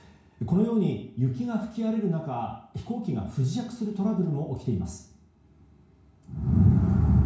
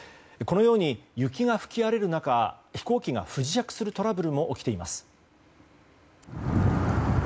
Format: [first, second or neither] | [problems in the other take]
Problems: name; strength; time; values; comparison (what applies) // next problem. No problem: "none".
second | room echo; dies away in 0.6 s